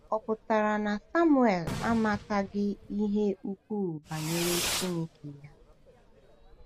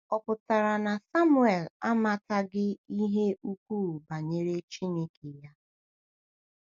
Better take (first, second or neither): second